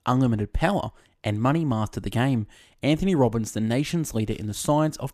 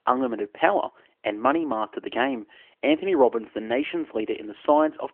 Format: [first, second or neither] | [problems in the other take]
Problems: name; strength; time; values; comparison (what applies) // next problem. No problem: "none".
first | phone-call audio; nothing above 3 kHz